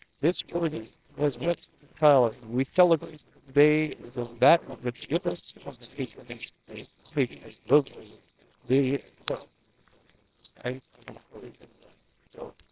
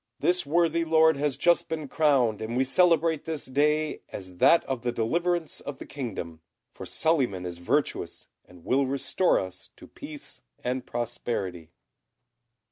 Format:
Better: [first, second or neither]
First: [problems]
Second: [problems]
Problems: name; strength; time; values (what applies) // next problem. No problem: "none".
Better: second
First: noise reduction (neural separator model SepFormer WHAMR!)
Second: none